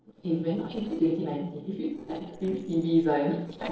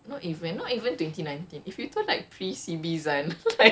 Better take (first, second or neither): second